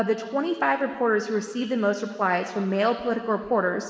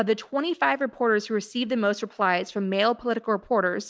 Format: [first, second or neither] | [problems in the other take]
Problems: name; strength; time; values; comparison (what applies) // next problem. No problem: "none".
second | room echo; dies away in 2.4 s